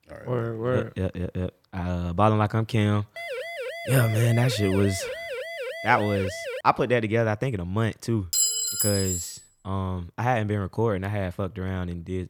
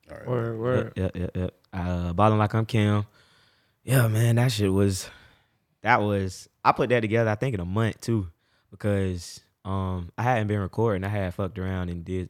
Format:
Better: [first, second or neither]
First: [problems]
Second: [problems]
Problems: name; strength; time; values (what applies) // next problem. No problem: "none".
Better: second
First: siren; noticeable; from 3 to 6.5 s; peak 6 dB below the speech // clattering dishes; loud; at 8.5 s; peak 5 dB above the speech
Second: none